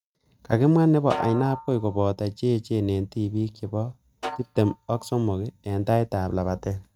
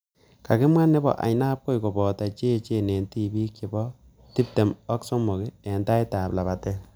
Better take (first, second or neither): second